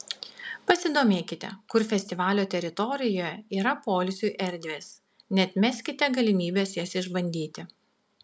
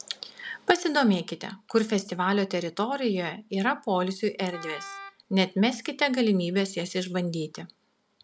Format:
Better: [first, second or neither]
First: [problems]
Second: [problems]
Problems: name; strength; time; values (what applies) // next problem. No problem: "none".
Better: first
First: none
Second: background sound (Wind instrument, woodwind instrument); 16 dB below the speech